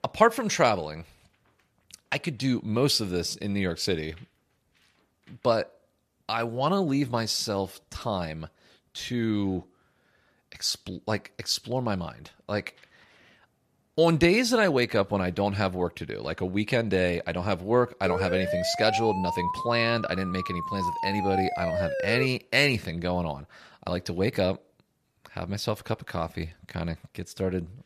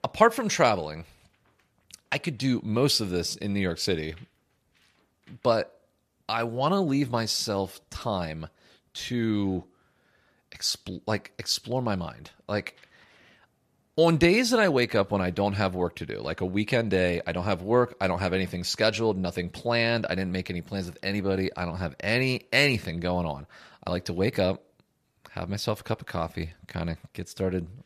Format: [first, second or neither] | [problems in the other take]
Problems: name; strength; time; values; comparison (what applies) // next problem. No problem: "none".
second | siren; noticeable; from 18 to 22 s; peak 2 dB below the speech